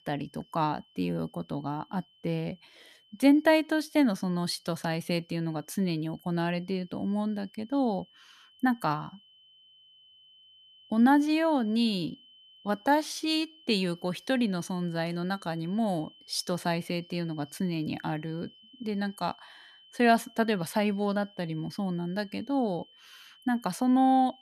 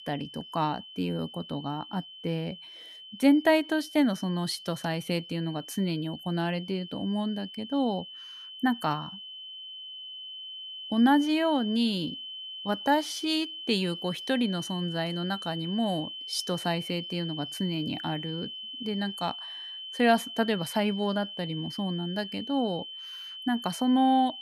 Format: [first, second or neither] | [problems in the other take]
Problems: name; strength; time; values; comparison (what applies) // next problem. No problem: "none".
first | high-pitched whine; loud; throughout; 3 kHz, 10 dB below the speech; faint in the first